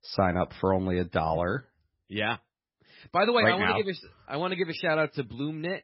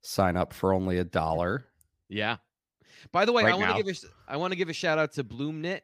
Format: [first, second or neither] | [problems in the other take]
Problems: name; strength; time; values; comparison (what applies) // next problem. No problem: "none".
second | garbled, watery; badly; nothing above 5.5 kHz